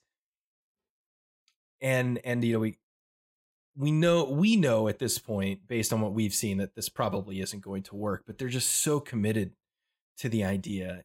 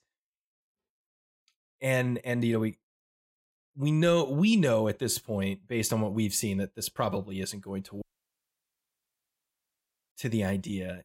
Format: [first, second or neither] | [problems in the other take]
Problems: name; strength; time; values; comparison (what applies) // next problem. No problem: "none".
first | audio cutting out; at 8 s for 2 s